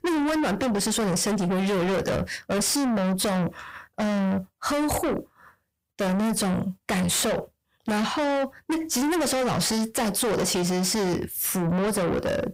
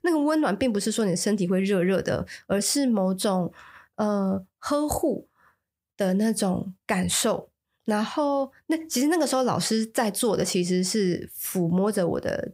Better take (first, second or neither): second